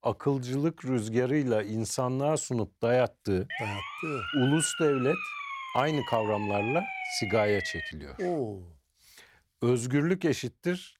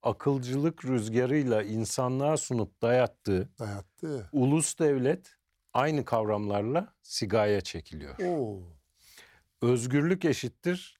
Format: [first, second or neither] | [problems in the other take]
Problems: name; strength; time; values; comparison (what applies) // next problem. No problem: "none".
second | siren; noticeable; from 3.5 to 8 s; peak 4 dB below the speech